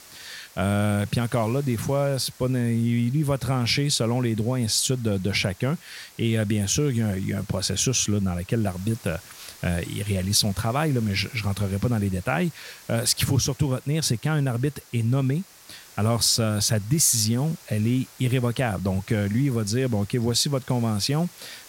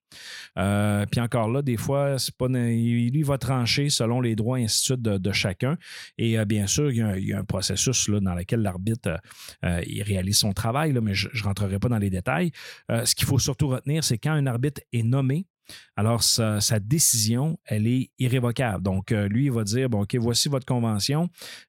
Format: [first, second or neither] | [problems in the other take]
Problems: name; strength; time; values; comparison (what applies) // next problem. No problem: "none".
second | hiss; faint; throughout; 20 dB below the speech